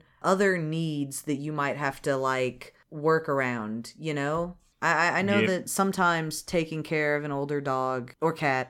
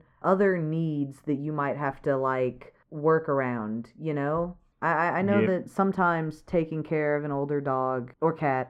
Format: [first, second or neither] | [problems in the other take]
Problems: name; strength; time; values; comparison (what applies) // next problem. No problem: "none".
first | muffled; very; fading above 2.5 kHz